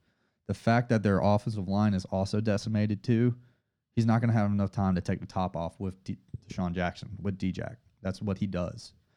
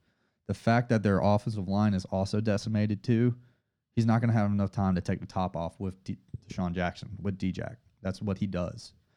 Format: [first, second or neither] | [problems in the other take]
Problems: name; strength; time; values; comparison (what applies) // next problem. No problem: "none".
neither | muffled; slightly; fading above 4 kHz; the same in both